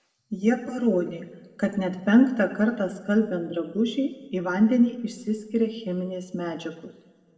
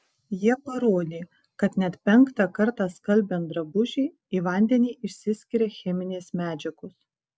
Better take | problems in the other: second | room echo; dies away in 1.2 s

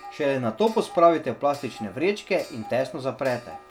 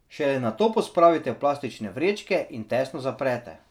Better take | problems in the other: second | background sound (Clock); 20 dB below the speech

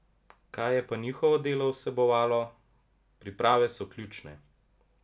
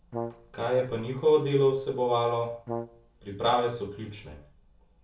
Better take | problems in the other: first | background sound (Brass instrument); 13 dB below the speech // room echo; dies away in 0.3 s

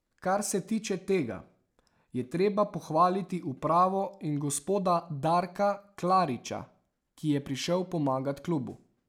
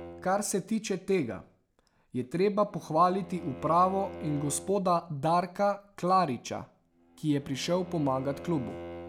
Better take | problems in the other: first | background sound (Bowed string instrument); 17 dB below the speech

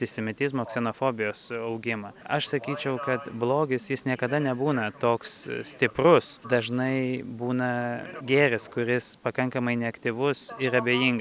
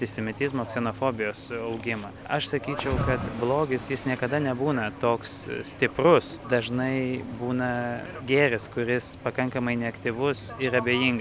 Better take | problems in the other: first | background sound (Cricket / Waves, surf); 12 dB below the speech

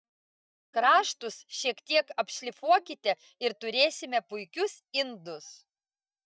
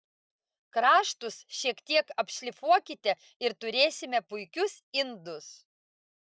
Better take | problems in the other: second | noise reduction (neural mask model DeepFilterNet 3)

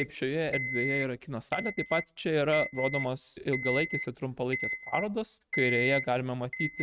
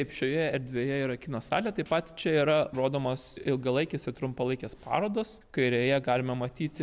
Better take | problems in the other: second | noise reduction (neural mask model RNNoise)

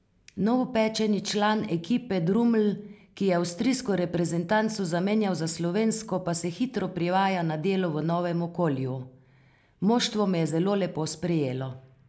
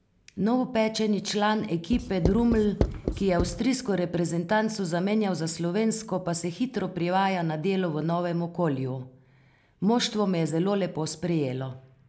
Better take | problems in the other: first | background sound (Writing); 4 dB below the speech

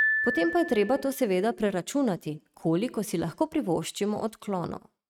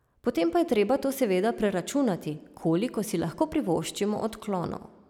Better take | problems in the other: second | noise reduction (neural mask model RNNoise)

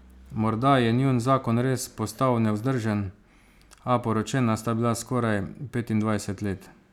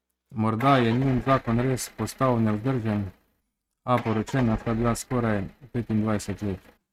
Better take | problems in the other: first | noise reduction (neural mask model RNNoise)

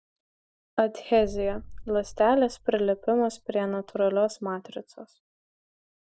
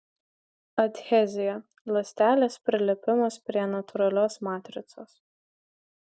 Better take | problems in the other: second | background sound (Boom); 15 dB below the speech

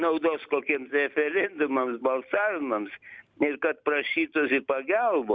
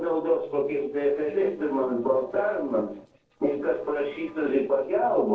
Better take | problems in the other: first | noise reduction (neural separator model SepFormer DNS4)

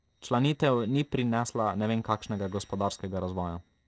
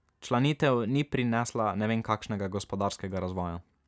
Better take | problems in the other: second | noise reduction (neural separator model SepFormer DNS4)

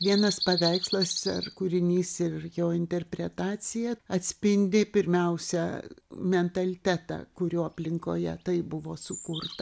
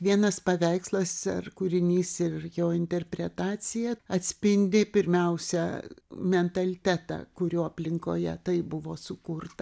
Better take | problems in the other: second | background sound (Bird vocalization, bird call, bird song); 12 dB below the speech

